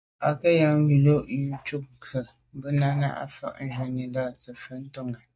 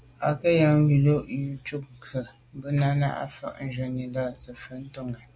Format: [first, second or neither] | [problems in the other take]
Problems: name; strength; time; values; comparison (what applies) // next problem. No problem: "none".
second | noise reduction (neural mask model DeepFilterNet 3)